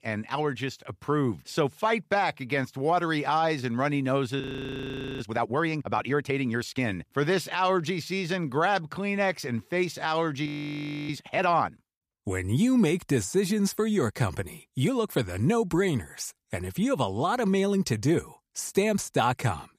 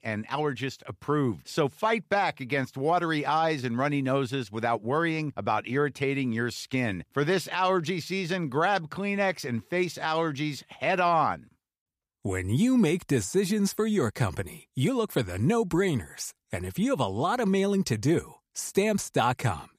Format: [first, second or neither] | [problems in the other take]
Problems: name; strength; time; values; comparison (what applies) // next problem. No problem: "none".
second | audio freezing; at 4.5 s for 1 s and at 10 s for 0.5 s